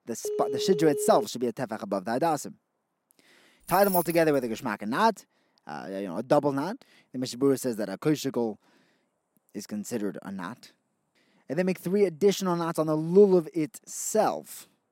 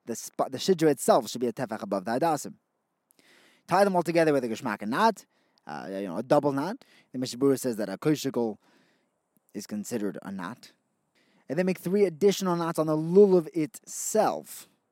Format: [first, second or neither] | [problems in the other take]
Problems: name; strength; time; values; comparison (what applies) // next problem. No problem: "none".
second | phone ringing; noticeable; until 1.5 s; peak 4 dB below the speech // jangling keys; noticeable; at 3.5 s; peak 4 dB below the speech